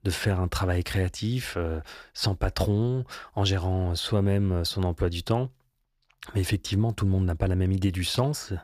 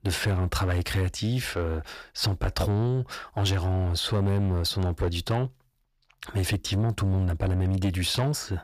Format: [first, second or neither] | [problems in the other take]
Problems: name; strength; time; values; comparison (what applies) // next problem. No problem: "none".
first | distortion; slight; 10 dB below the speech